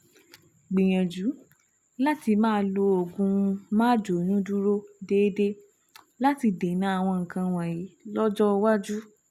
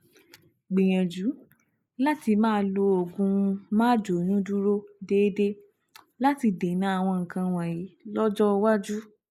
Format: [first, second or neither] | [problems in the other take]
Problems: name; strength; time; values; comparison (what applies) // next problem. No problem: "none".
first | noise reduction (neural mask model Resemble Enhance denoiser)